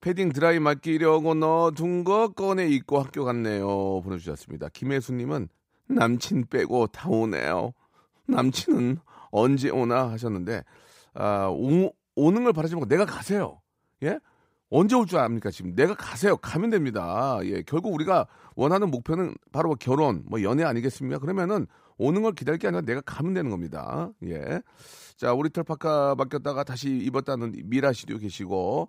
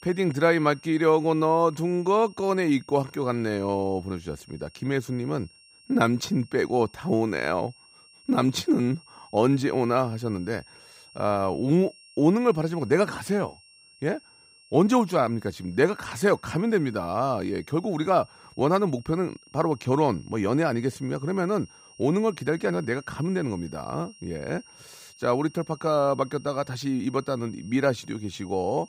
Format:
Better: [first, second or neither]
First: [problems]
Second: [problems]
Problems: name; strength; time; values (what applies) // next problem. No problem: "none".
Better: first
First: none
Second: high-pitched whine; faint; throughout; 5.5 kHz, 25 dB below the speech